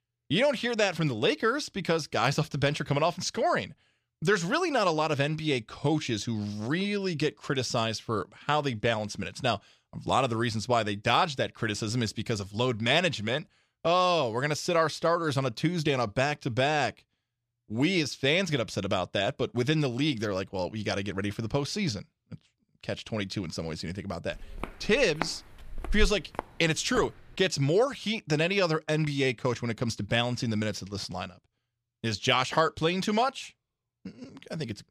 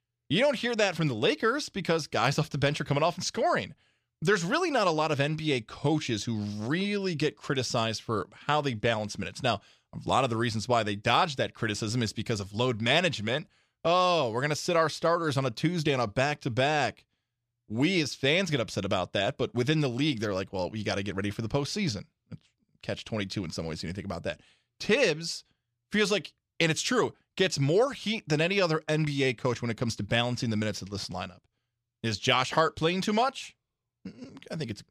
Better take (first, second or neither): second